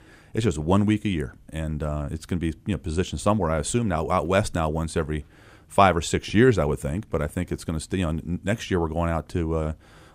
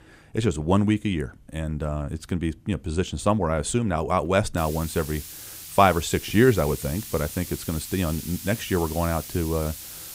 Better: first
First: none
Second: hiss; noticeable; from 4.5 s on; 10 dB below the speech

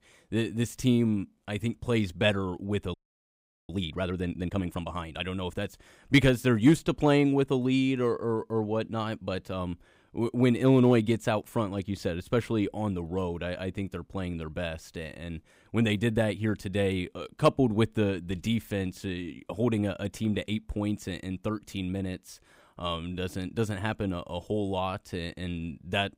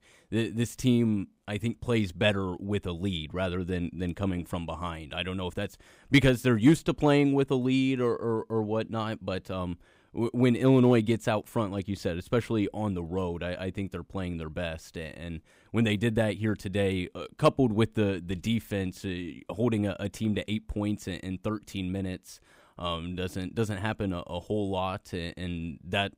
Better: second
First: audio freezing; at 3 s for 1 s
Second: none

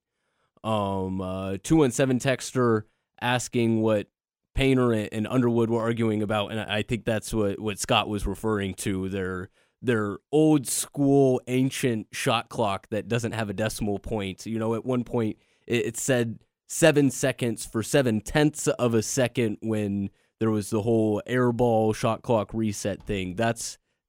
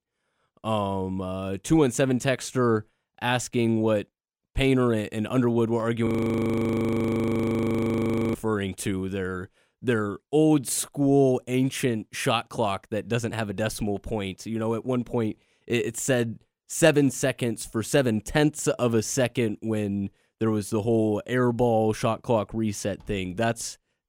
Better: first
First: none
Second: audio freezing; at 6 s for 2.5 s

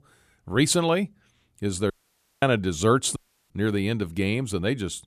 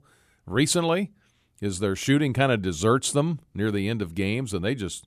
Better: second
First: audio cutting out; at 2 s for 0.5 s and at 3 s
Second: none

